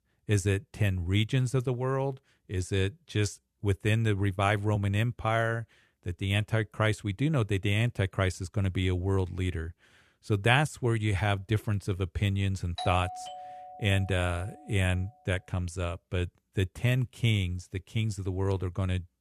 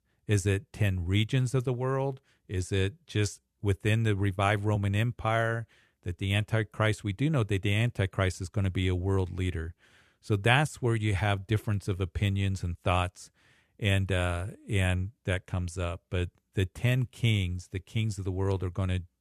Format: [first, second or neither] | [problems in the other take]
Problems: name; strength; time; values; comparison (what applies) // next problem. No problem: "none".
second | doorbell; noticeable; from 13 to 15 s; peak 7 dB below the speech